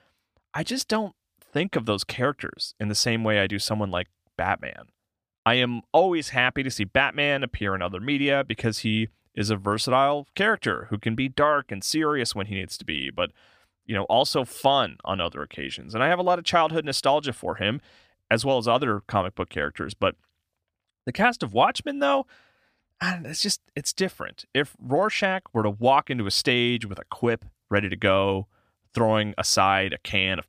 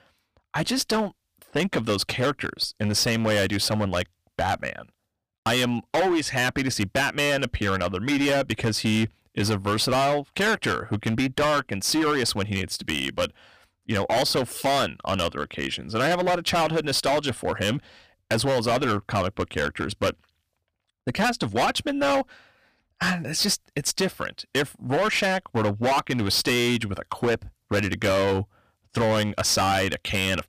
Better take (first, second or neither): first